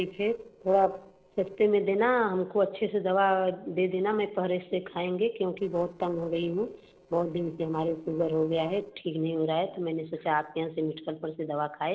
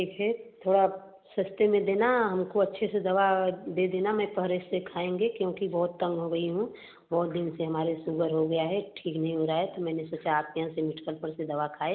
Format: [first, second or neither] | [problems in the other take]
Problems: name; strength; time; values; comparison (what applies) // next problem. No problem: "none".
second | noise reduction (neural separator model SepFormer DNS4)